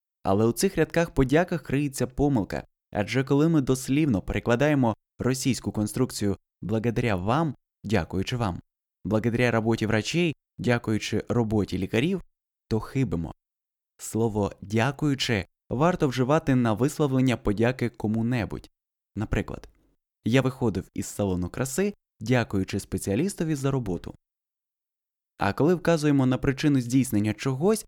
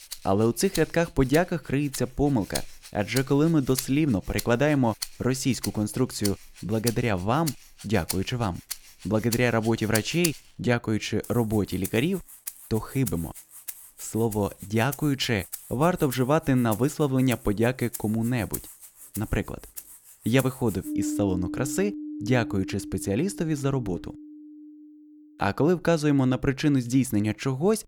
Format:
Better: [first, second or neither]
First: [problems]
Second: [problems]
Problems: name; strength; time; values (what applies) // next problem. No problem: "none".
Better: first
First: none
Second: background music; noticeable; throughout; 10 dB below the speech